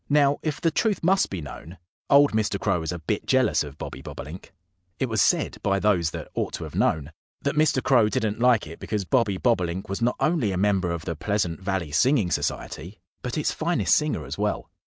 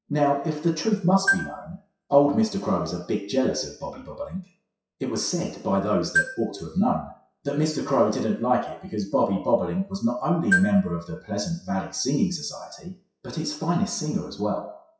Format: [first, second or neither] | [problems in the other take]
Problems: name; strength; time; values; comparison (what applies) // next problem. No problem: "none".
first | noise reduction (classical method WPE with log-MMSE)